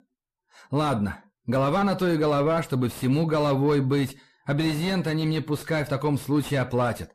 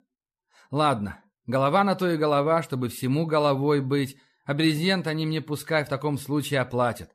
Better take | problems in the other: second | distortion; heavy; 8 dB below the speech

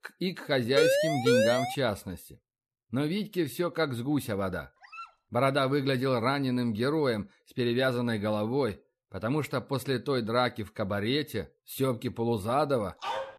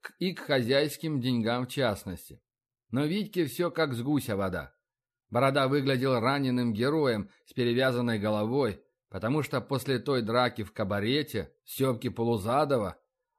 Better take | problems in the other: second | siren; loud; at 1 s; peak 5 dB above the speech // dog barking; faint; at 5 s; peak 15 dB below the speech // dog barking; noticeable; at 13 s; peak 5 dB below the speech

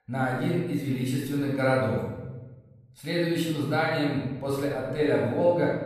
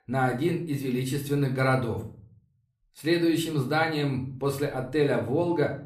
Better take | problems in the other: second | room echo; strong; dies away in 1 s; slight in the second // off-mic speech; far; somewhat distant in the second

